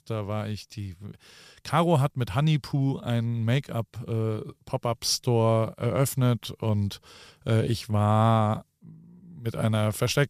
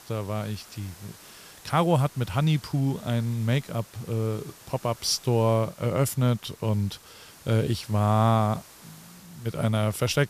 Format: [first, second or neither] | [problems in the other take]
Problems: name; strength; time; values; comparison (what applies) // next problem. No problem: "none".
first | hiss; faint; throughout; 20 dB below the speech